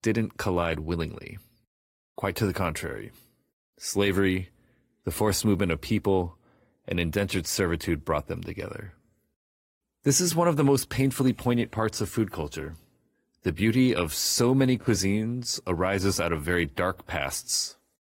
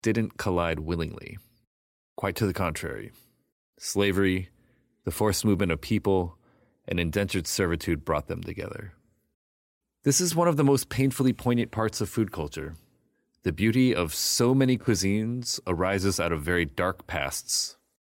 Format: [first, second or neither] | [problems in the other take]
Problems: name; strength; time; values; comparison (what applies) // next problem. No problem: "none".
second | garbled, watery; slightly; nothing above 16 kHz